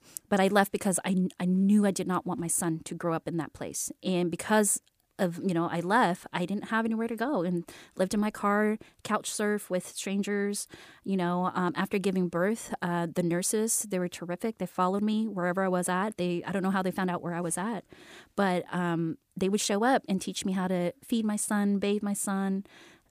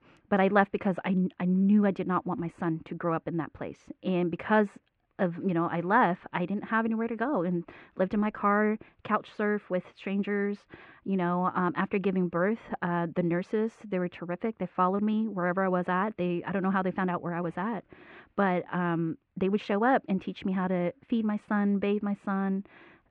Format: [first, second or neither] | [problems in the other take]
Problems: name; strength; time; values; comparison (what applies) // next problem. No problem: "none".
first | muffled; very; fading above 2.5 kHz